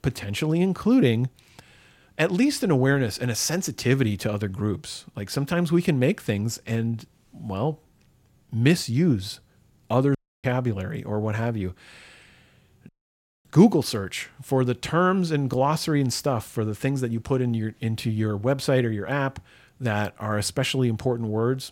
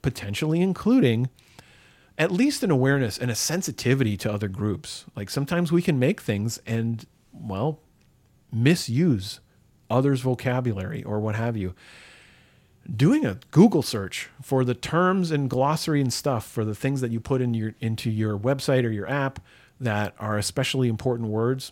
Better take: second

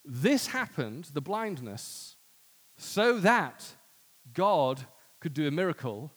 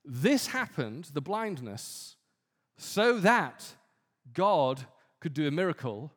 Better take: second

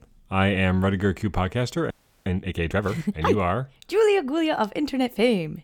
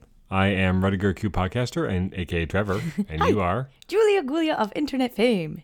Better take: second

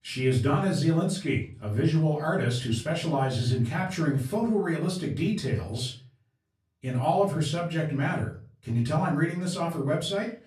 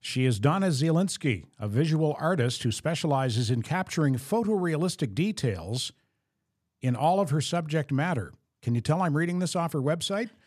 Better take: second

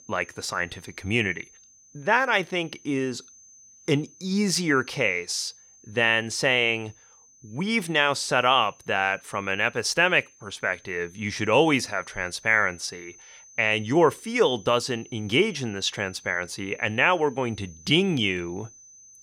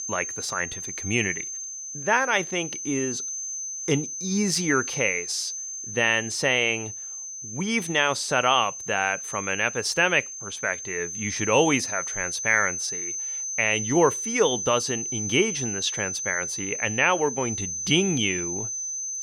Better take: first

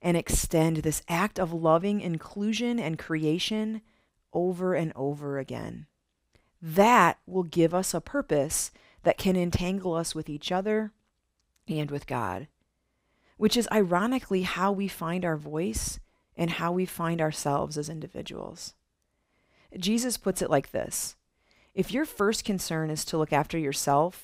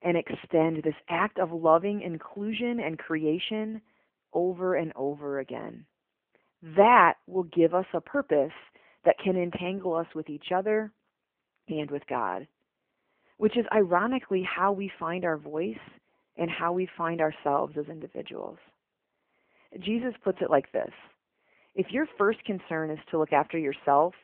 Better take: first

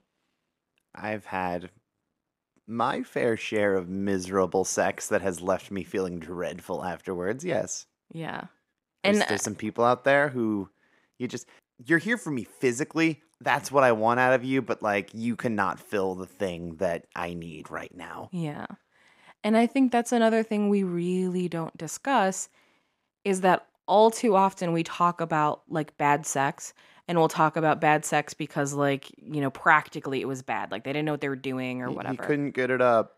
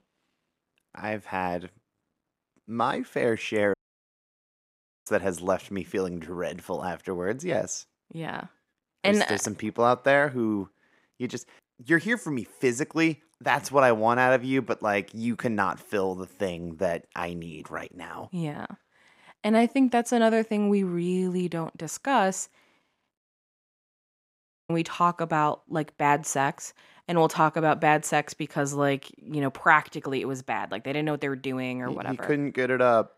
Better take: first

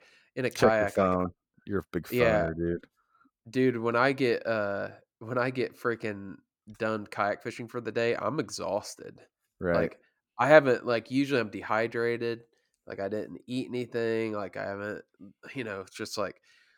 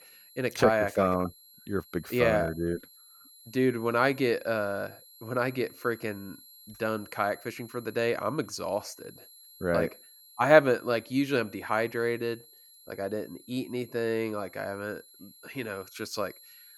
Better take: first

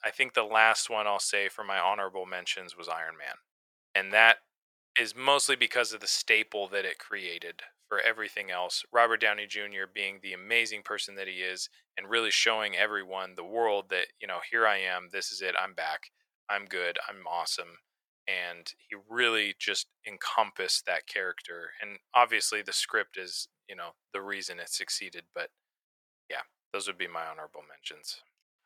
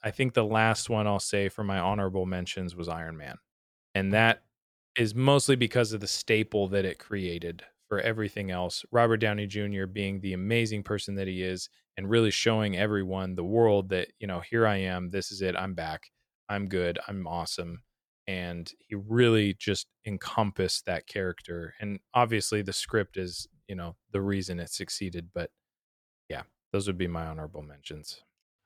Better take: second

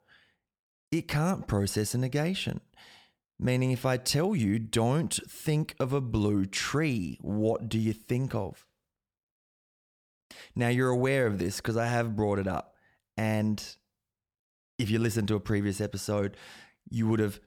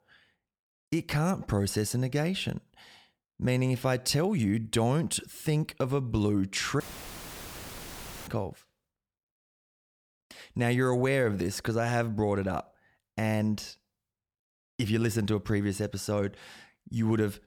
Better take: first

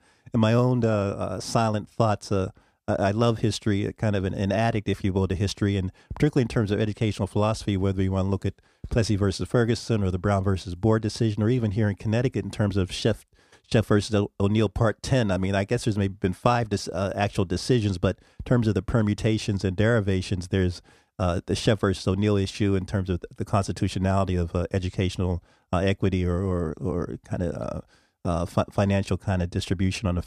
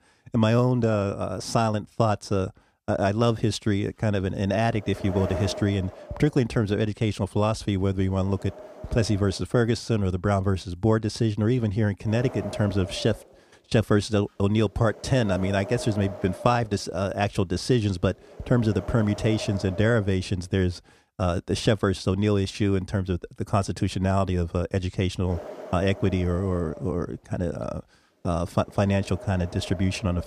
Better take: first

